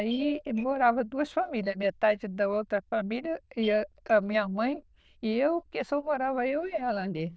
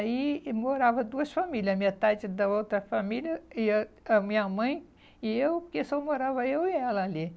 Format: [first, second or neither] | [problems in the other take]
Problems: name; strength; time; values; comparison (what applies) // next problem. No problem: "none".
second | noise reduction (neural diffusion model UNIVERSE++)